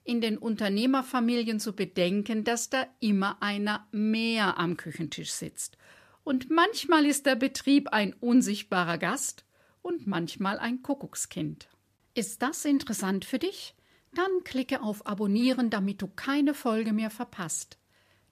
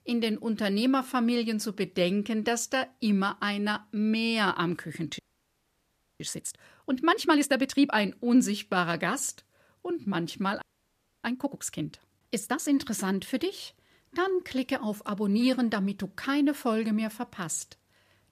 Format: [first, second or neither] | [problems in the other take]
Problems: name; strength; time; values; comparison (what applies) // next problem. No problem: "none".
first | audio freezing; at 5 s for 1 s and at 11 s for 0.5 s